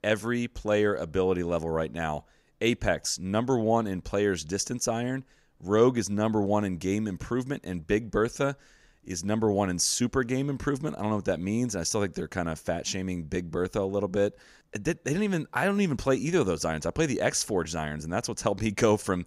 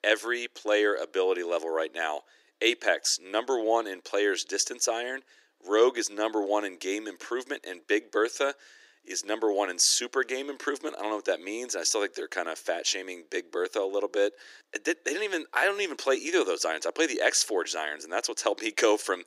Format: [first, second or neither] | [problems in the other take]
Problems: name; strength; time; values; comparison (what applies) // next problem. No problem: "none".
first | thin; very; fading below 300 Hz